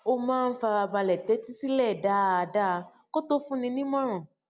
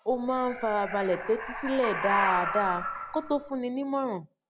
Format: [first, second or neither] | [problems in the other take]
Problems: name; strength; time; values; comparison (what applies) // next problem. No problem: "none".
first | background sound (Animal); 5 dB below the speech